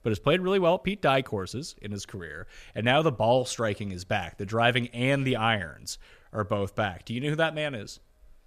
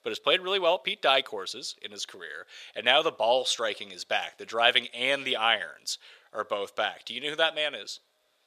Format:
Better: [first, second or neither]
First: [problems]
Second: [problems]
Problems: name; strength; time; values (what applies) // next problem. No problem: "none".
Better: first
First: none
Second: thin; very; fading below 550 Hz